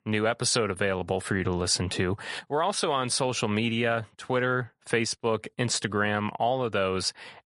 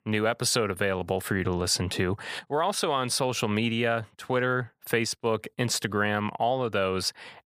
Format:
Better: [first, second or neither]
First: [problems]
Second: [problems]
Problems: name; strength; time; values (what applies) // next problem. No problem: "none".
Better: second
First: garbled, watery; slightly; nothing above 10.5 kHz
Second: none